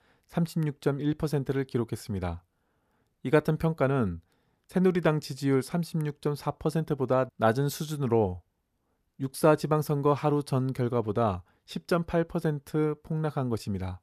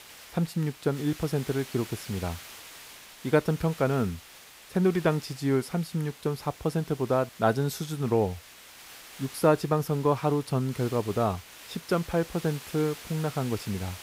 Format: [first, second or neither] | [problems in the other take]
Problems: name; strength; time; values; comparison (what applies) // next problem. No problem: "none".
first | hiss; noticeable; throughout; 15 dB below the speech